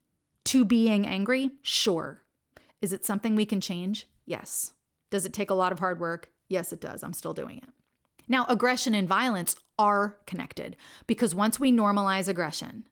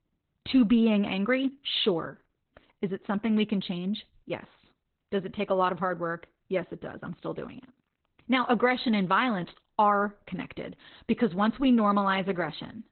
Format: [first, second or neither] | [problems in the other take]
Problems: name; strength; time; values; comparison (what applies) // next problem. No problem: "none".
first | garbled, watery; badly; nothing above 4 kHz; slightly in the first